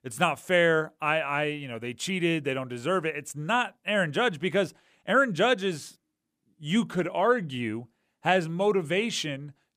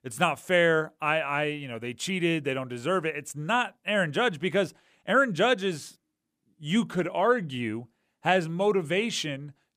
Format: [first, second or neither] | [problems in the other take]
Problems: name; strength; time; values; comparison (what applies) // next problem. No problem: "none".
neither | none